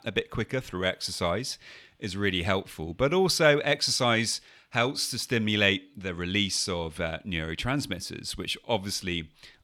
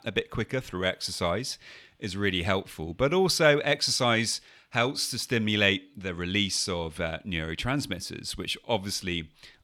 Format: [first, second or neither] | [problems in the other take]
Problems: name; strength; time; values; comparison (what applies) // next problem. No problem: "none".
neither | none